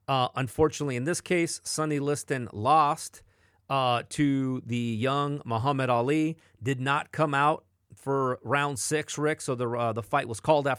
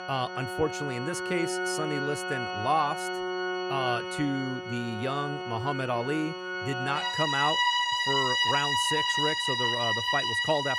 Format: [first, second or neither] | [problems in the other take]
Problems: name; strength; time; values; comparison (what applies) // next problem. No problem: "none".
first | background music; very loud; throughout; 3 dB above the speech